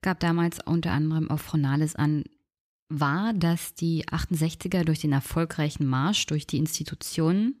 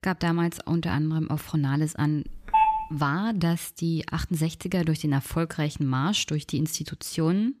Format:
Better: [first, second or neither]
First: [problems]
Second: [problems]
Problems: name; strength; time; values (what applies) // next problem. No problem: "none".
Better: first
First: none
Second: phone ringing; loud; at 2.5 s; peak 5 dB above the speech